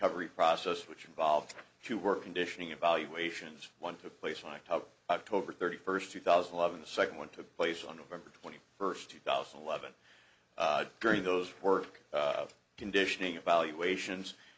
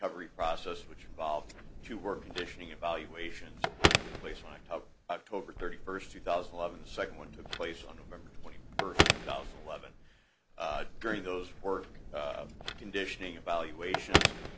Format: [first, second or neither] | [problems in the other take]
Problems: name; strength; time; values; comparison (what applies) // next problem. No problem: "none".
first | background sound (Telephone); 3 dB above the speech